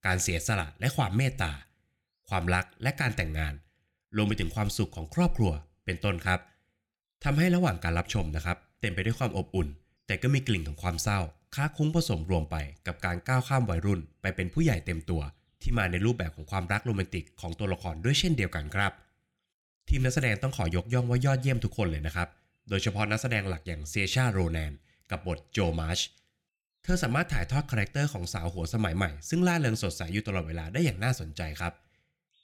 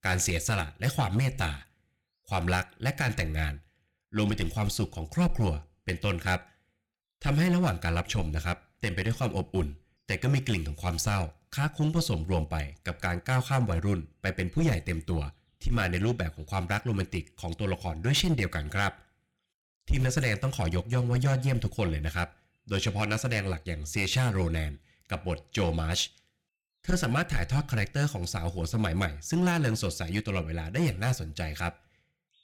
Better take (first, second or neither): first